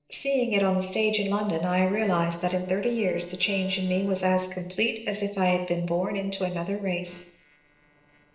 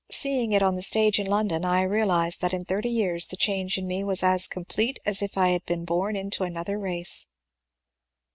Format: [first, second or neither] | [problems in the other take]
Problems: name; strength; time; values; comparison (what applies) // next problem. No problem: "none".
second | noise reduction (neural separator model SepFormer DNS4)